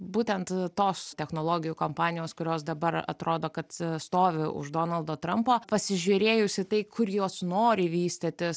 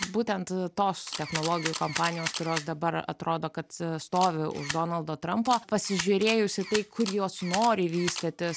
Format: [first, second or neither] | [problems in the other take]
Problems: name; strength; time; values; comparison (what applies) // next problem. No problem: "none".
first | background sound (Camera); 10 dB below the speech